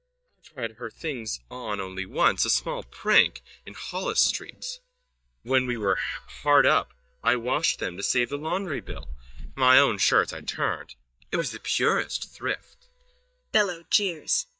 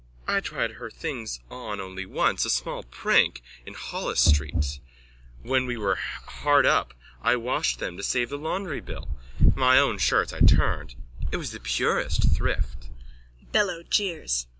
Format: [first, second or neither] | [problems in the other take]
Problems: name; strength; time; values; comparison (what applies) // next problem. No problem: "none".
second | noise reduction (neural mask model DeepFilterNet 3)